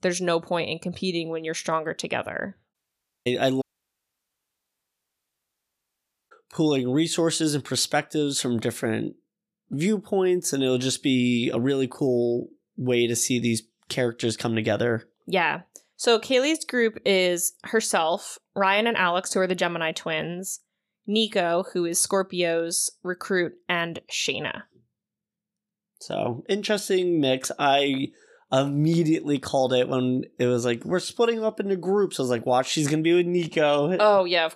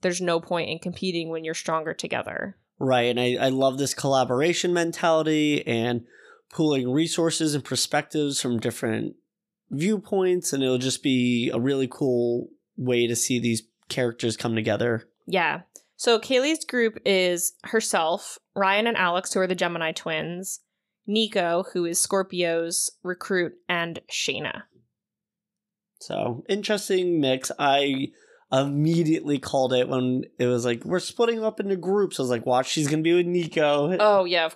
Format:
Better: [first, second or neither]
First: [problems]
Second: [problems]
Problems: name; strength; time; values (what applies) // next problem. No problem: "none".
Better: second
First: audio cutting out; at 2.5 s for 0.5 s and at 3.5 s for 2.5 s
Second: none